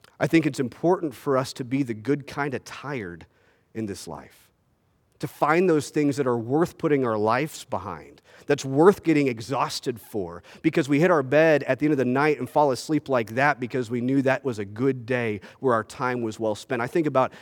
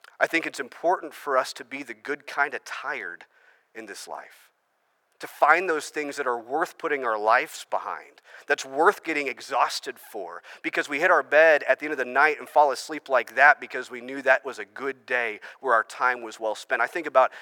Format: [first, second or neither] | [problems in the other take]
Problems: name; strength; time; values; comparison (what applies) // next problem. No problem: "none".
first | thin; very; fading below 650 Hz